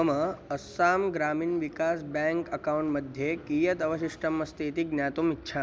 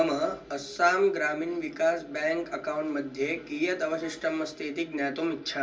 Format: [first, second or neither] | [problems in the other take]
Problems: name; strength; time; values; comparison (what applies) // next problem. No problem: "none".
first | room echo; dies away in 0.3 s